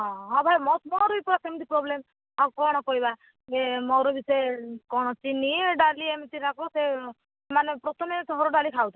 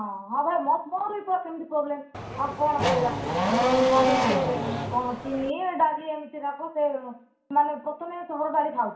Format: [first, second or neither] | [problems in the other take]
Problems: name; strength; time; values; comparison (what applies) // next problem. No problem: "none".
first | background sound (Race car, auto racing / Accelerating, revving, vroom); 2 dB above the speech // room echo; dies away in 0.5 s